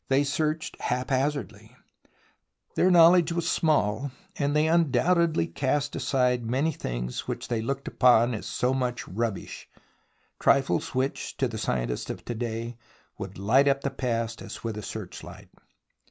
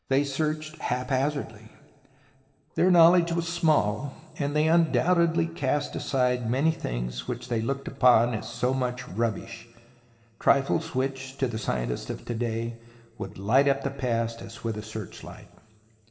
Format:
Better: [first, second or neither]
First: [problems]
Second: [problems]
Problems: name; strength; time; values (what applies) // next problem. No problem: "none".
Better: first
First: none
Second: room echo; dies away in 2.9 s